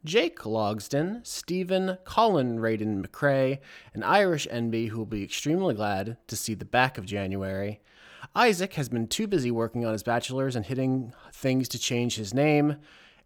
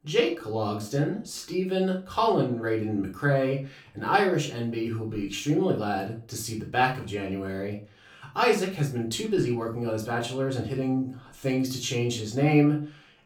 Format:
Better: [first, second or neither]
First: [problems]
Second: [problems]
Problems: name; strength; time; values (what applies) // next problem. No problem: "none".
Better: first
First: none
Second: off-mic speech; far // room echo; slight; dies away in 0.3 s